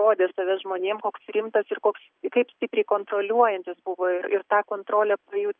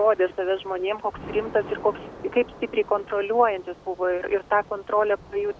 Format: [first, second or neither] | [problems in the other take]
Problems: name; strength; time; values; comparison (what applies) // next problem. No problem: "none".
first | background sound (Thunder / Rain); 18 dB below the speech